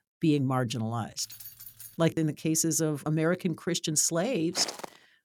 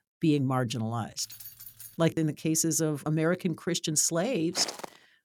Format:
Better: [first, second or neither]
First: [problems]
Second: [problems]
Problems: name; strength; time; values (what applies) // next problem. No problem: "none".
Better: neither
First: jangling keys; faint; at 1 s; peak 15 dB below the speech // footsteps; noticeable; at 4.5 s; peak 10 dB below the speech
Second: jangling keys; faint; at 1 s; peak 15 dB below the speech // footsteps; noticeable; at 4.5 s; peak 10 dB below the speech